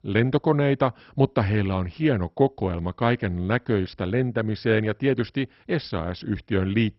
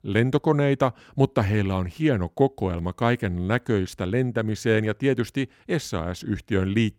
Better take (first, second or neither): second